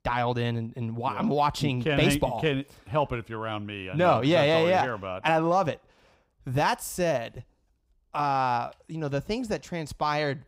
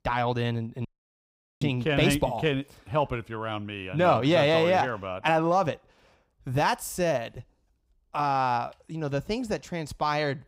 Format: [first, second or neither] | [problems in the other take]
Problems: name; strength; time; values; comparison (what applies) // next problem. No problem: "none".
first | audio cutting out; at 1 s for 1 s